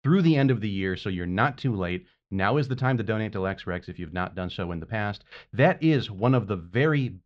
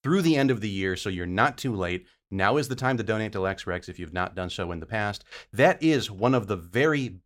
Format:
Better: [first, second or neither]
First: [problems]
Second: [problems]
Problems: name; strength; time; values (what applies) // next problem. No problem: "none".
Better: second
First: muffled; very slightly; fading above 4 kHz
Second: none